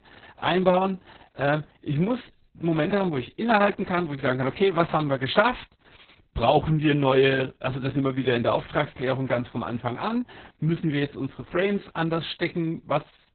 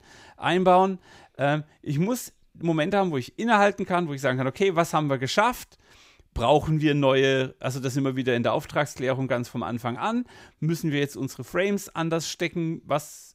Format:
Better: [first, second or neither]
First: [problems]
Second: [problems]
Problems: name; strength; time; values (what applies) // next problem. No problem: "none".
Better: second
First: garbled, watery; badly; nothing above 4 kHz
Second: none